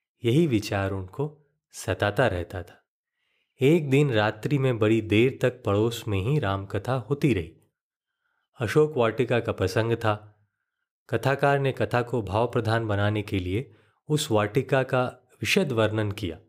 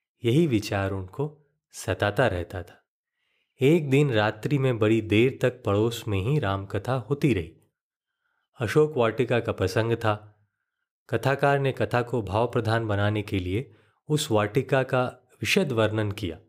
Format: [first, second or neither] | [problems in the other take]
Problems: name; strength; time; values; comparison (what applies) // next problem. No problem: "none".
neither | none